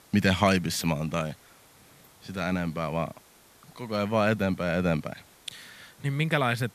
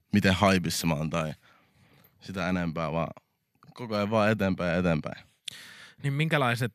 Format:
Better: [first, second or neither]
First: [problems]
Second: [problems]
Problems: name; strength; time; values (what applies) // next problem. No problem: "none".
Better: second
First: hiss; faint; throughout; 30 dB below the speech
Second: none